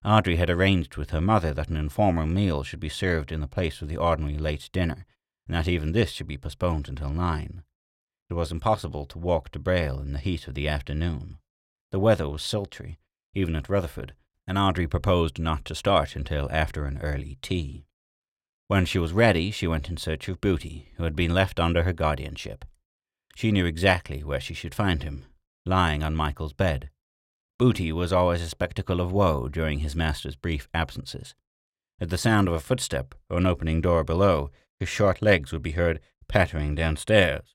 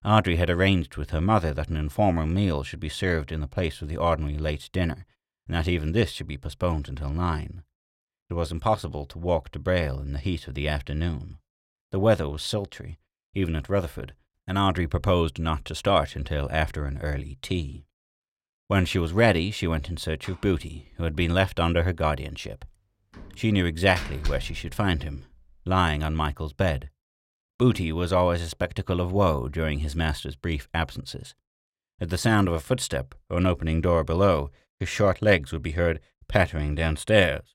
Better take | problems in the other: first | door banging; noticeable; from 23 to 25 s; peak 8 dB below the speech

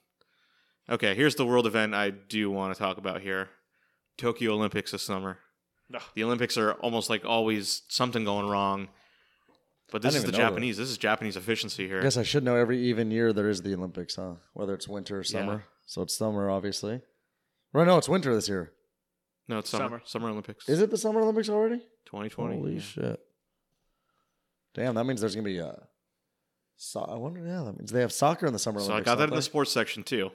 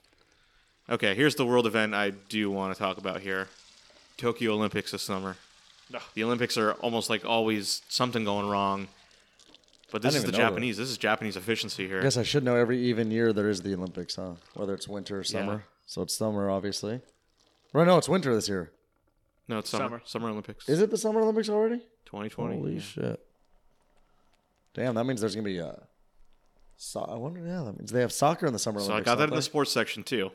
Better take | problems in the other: first | household noises; faint; throughout; 30 dB below the speech

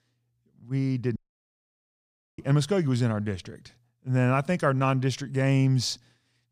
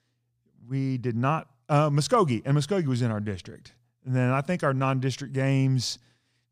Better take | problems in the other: second | audio cutting out; at 1 s for 1 s

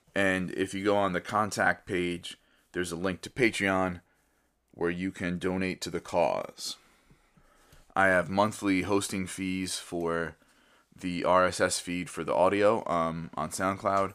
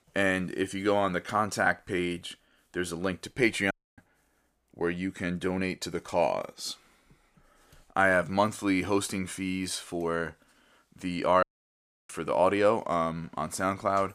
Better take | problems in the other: first | audio cutting out; at 3.5 s and at 11 s for 0.5 s

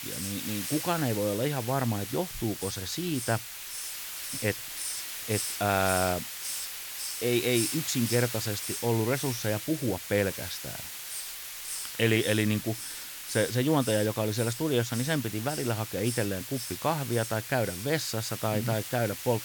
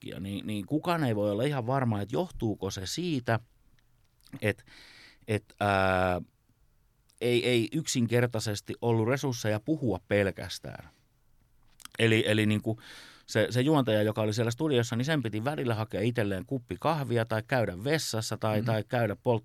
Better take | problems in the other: second | hiss; loud; throughout; 5 dB below the speech

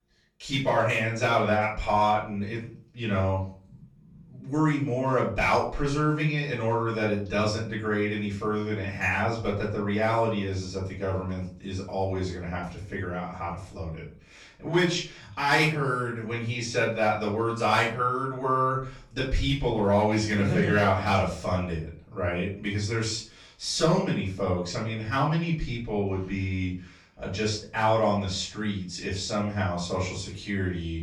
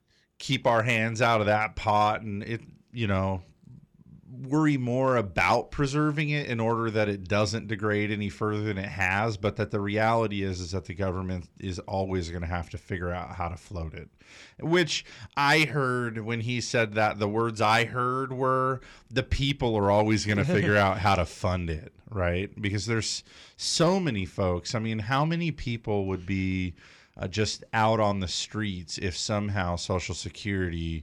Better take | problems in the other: second | off-mic speech; far // room echo; slight; dies away in 0.3 s

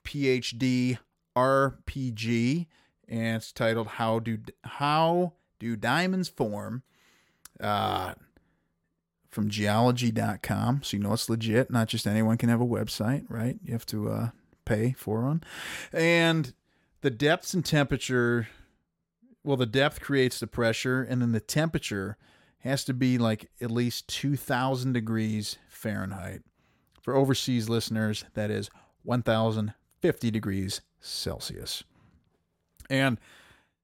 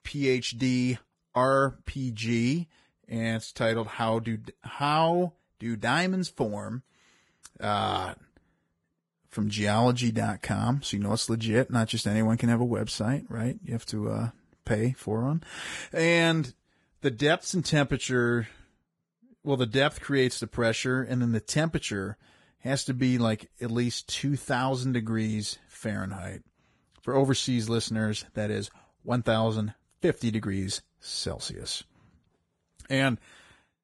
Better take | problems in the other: first | garbled, watery; badly; nothing above 10.5 kHz

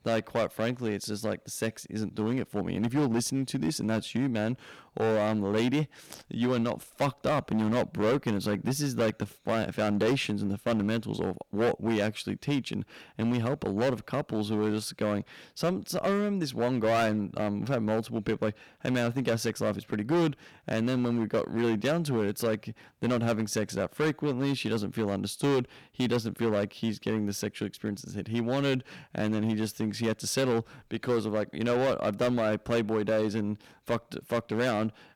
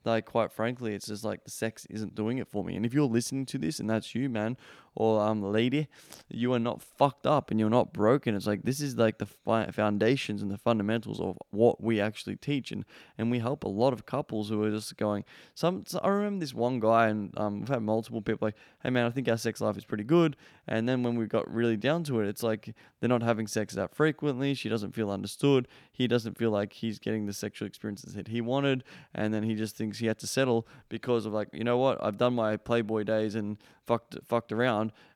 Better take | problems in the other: second | distortion; heavy; 10% of the sound clipped

